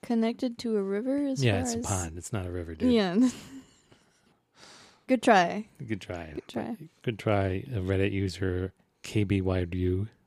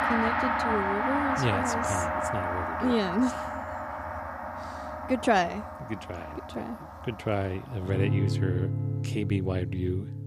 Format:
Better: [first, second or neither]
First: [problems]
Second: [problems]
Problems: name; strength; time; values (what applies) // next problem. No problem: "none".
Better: first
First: none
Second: background music; very loud; throughout; as loud as the speech